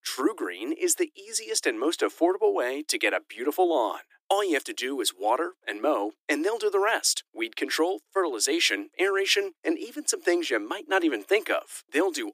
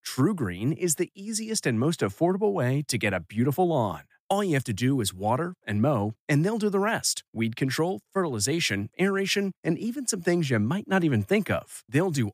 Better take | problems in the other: second | thin; very; fading below 300 Hz

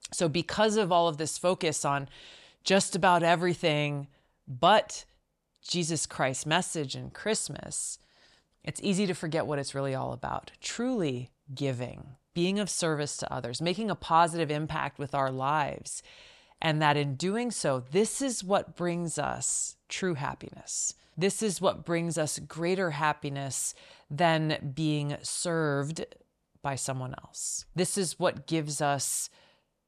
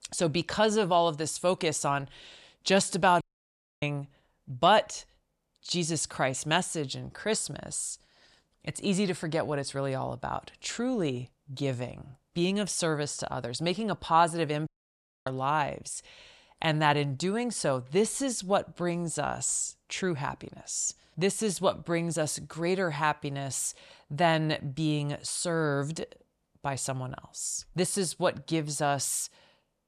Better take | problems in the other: first | audio cutting out; at 3 s for 0.5 s and at 15 s for 0.5 s

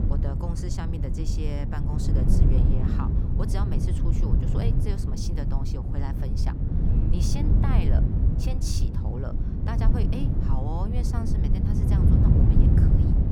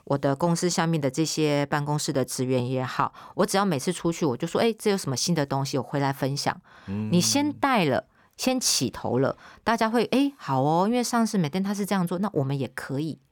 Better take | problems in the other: second | wind noise on the microphone; heavy; 3 dB above the speech

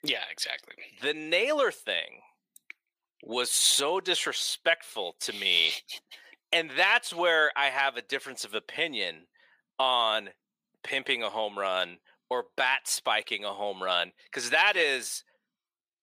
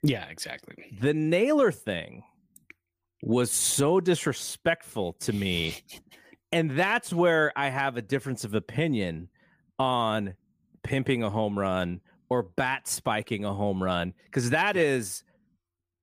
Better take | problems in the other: second | thin; very; fading below 600 Hz

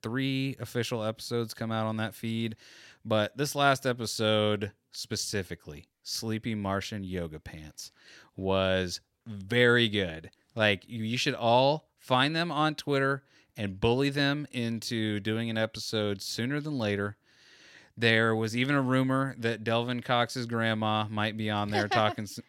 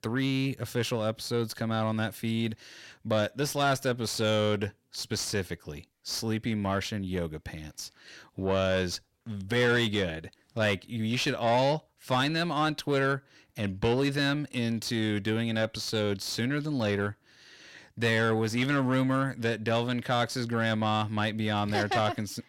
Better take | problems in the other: first | distortion; slight; 10 dB below the speech

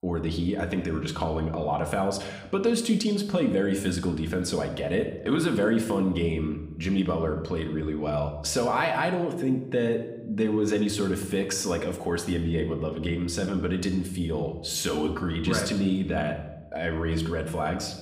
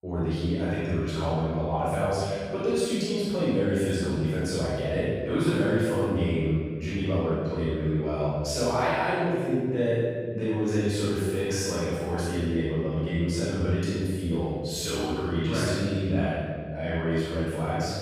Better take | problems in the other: first | room echo; strong; dies away in 1.7 s; slight in the first // off-mic speech; far

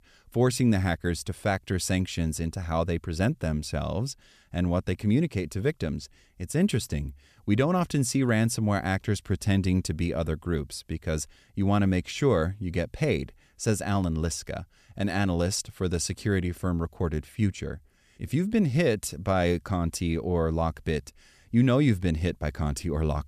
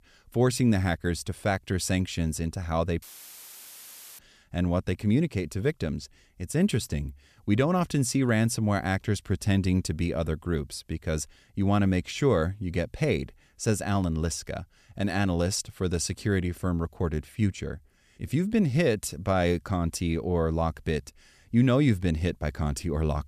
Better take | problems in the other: first | audio cutting out; filled with static; at 3 s for 1 s

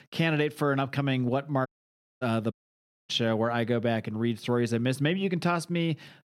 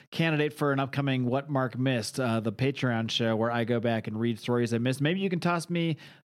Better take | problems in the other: second | audio cutting out; at 1.5 s for 0.5 s and at 2.5 s for 0.5 s

